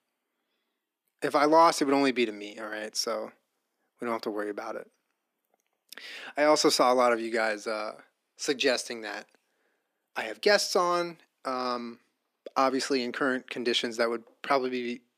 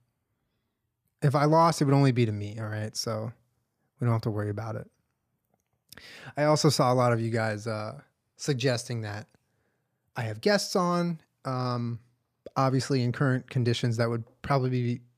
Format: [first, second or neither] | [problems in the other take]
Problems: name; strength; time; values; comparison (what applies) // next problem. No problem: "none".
second | thin; somewhat; fading below 250 Hz